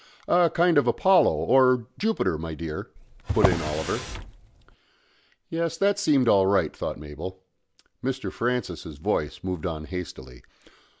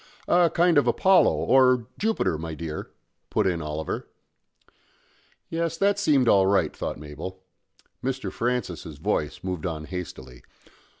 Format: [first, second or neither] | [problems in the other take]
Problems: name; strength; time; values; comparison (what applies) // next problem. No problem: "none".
second | background sound (Drawer open or close); 4 dB below the speech